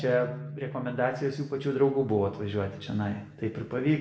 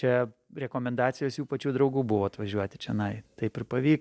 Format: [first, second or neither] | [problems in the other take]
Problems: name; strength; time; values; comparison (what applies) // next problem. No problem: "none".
second | background sound (Bass guitar); 14 dB below the speech // room echo; dies away in 0.7 s